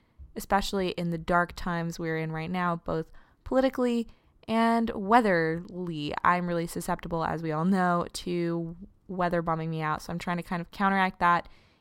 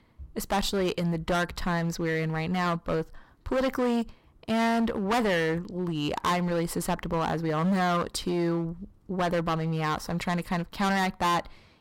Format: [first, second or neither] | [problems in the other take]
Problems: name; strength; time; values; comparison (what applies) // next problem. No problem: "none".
first | distortion; heavy; 15% of the sound clipped